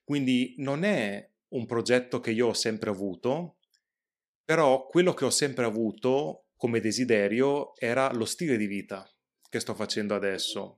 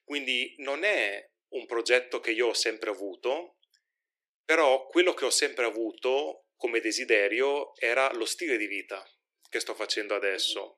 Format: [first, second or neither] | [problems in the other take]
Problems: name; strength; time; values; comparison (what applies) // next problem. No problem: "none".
first | thin; very; fading below 300 Hz